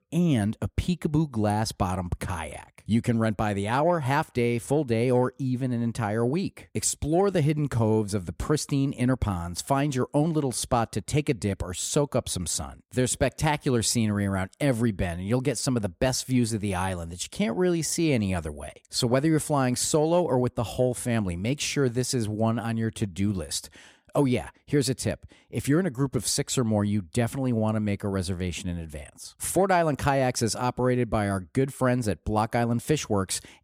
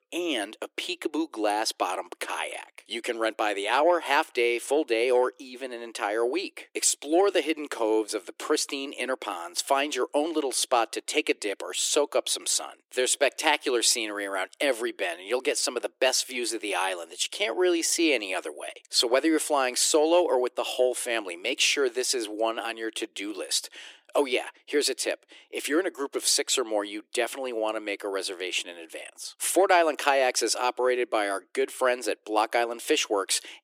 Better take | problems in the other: first | thin; very; fading below 300 Hz

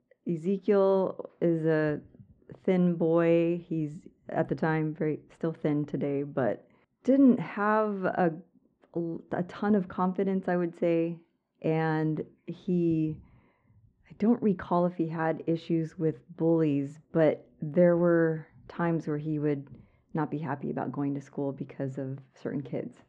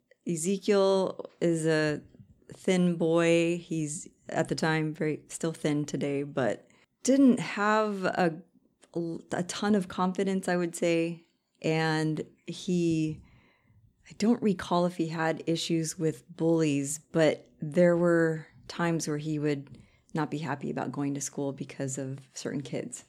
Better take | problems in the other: second | muffled; very; fading above 1.5 kHz

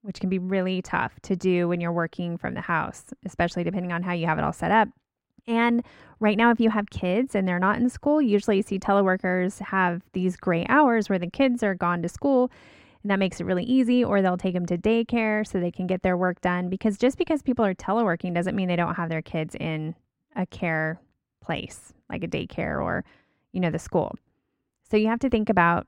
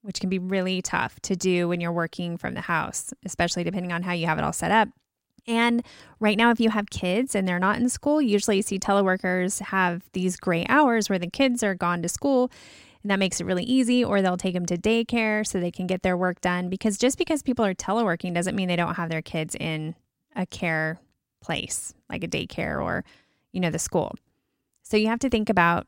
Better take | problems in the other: second | muffled; slightly; fading above 3.5 kHz

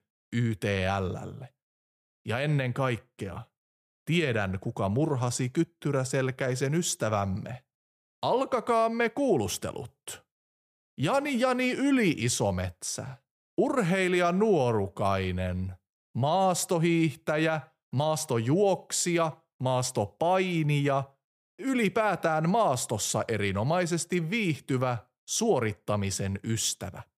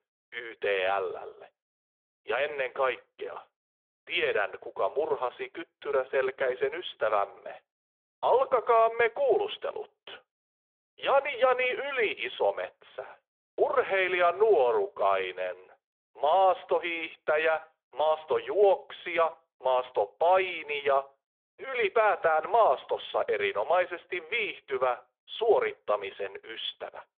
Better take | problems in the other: first | phone-call audio; nothing above 3.5 kHz

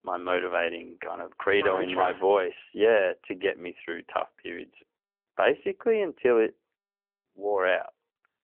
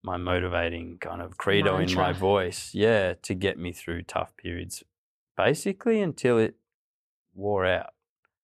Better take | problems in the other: second | phone-call audio; nothing above 3 kHz

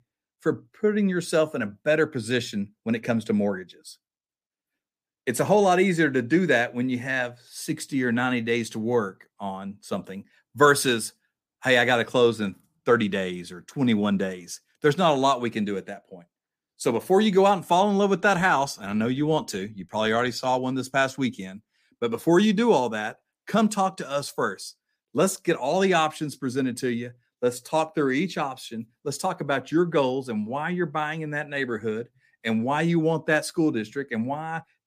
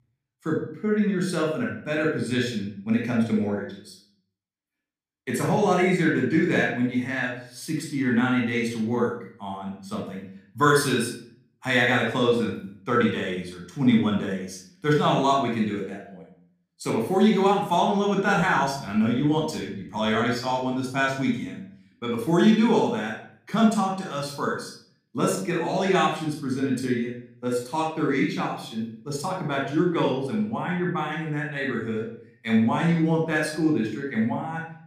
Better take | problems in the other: first | off-mic speech; somewhat distant // room echo; noticeable; dies away in 0.5 s

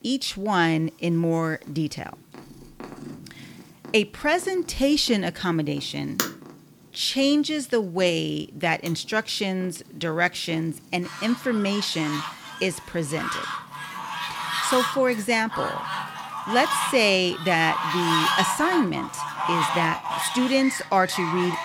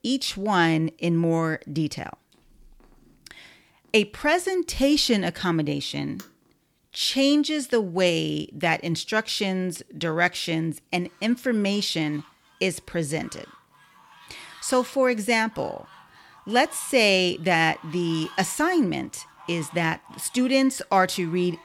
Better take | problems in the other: second | animal sounds; loud; throughout; 4 dB below the speech; faint in the second

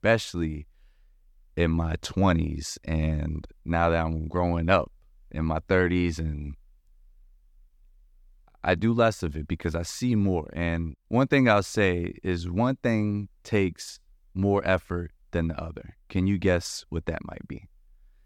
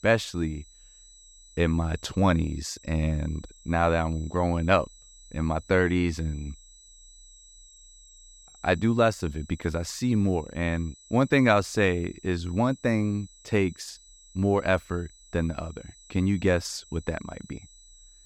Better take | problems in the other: first | high-pitched whine; faint; throughout; 7.5 kHz, 25 dB below the speech

